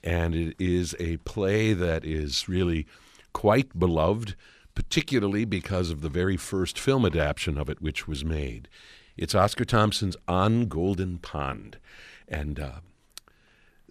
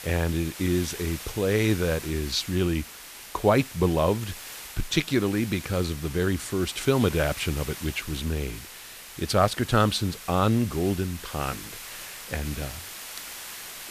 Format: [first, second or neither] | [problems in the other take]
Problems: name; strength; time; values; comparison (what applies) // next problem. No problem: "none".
first | hiss; noticeable; throughout; 10 dB below the speech